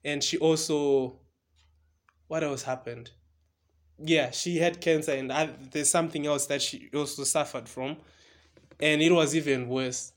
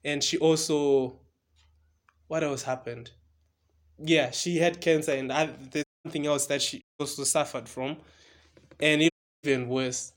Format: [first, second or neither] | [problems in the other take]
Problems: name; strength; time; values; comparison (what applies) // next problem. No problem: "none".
first | audio cutting out; at 6 s, at 7 s and at 9 s